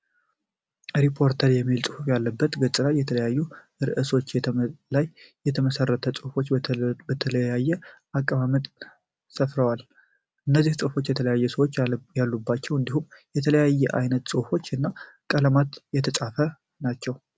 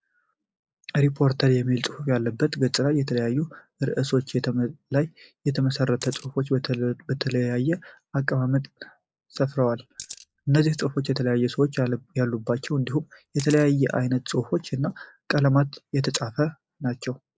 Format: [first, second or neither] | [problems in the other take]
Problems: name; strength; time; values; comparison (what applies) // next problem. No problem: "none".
first | noise reduction (neural mask model Resemble Enhance denoiser)